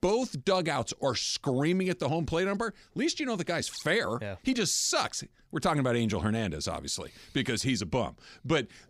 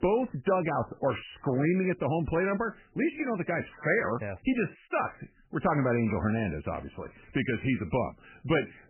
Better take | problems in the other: first | garbled, watery; badly; nothing above 3 kHz

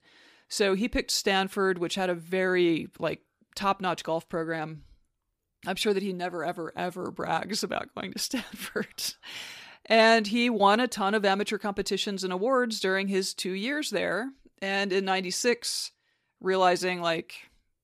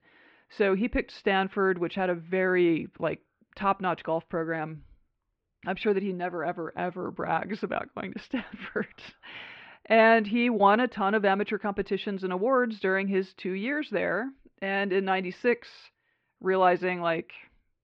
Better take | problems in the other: first | muffled; very; fading above 2.5 kHz

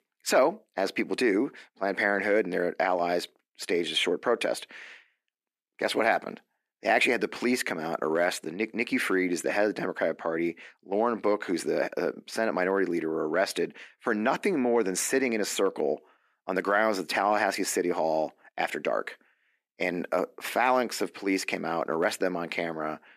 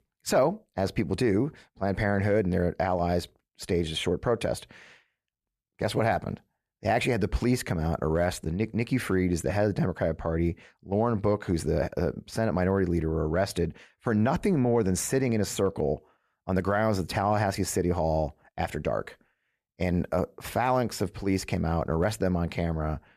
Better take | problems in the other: second | thin; somewhat; fading below 250 Hz

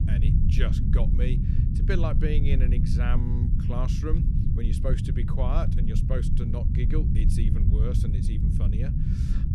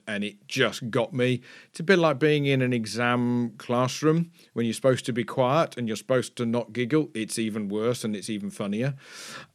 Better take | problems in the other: second | low rumble; loud; throughout; 1 dB below the speech

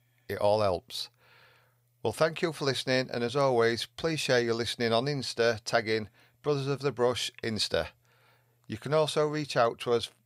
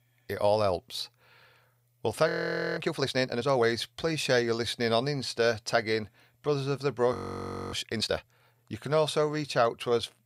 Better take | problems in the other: first | audio freezing; at 2.5 s and at 7 s for 0.5 s

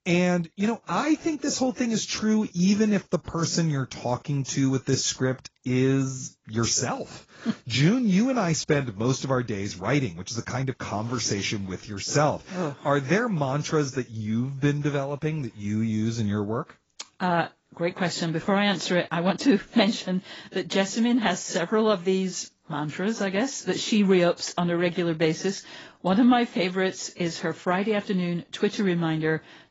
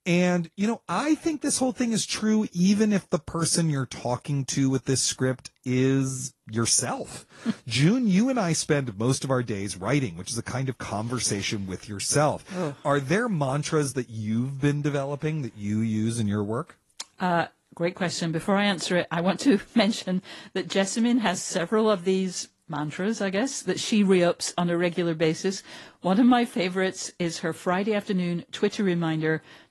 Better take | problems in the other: second | garbled, watery; badly; nothing above 7.5 kHz; slightly in the second

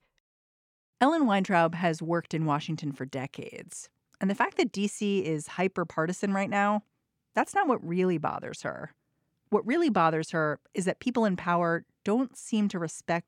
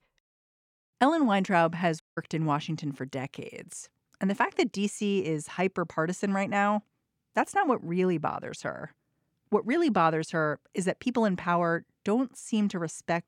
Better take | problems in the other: first | audio cutting out; at 2 s

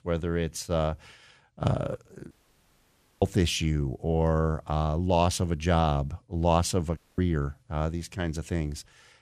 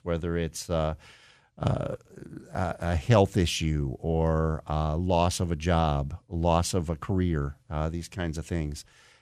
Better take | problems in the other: second | audio cutting out; at 2.5 s for 1 s and at 7 s

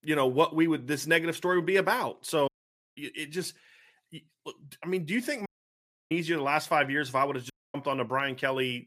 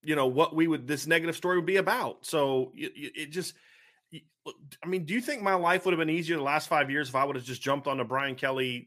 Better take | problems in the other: second | audio cutting out; at 2.5 s, at 5.5 s for 0.5 s and at 7.5 s

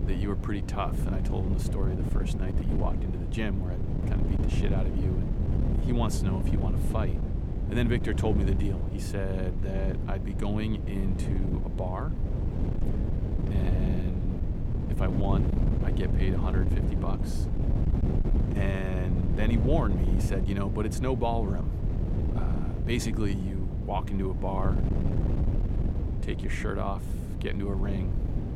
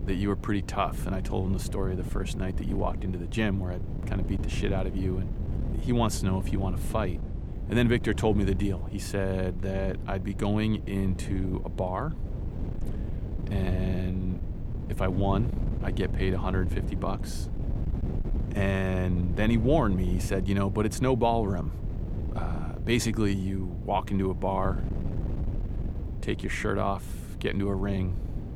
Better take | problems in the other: second | wind noise on the microphone; heavy; 4 dB below the speech; occasional gusts in the second

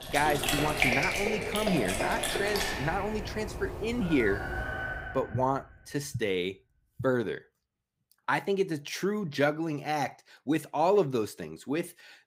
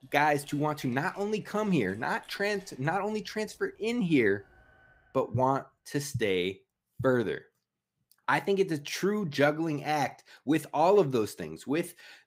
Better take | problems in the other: second | animal sounds; loud; until 5 s; 1 dB below the speech; faint in the second

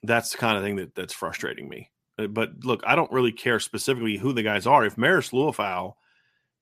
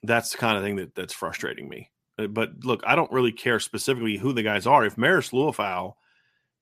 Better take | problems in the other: neither | none

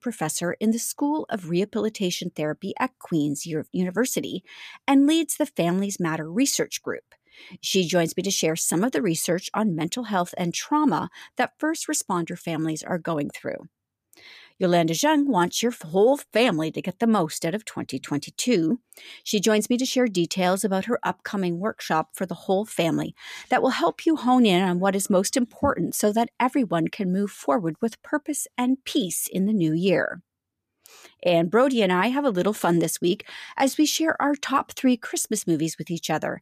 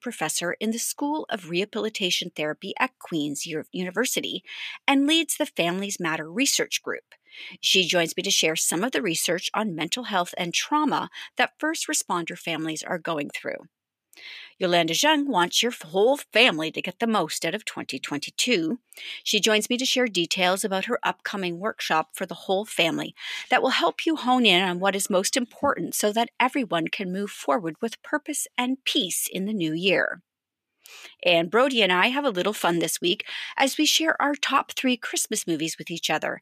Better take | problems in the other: first | thin; very slightly; fading below 350 Hz

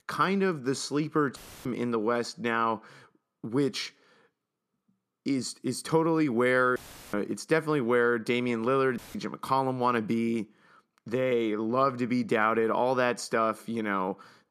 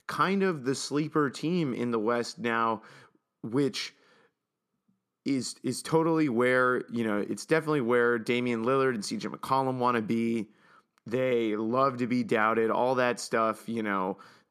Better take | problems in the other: second | audio cutting out; filled with static; at 1.5 s, at 7 s and at 9 s

